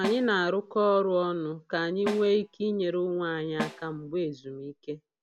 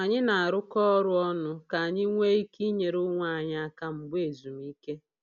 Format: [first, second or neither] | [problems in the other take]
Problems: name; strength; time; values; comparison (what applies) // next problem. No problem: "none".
second | background sound (Snare drum); 12 dB below the speech